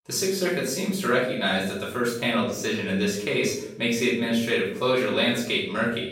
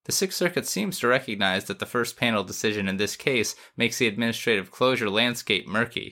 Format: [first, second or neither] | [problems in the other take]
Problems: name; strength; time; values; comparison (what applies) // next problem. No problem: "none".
second | off-mic speech; far // room echo; noticeable; dies away in 0.6 s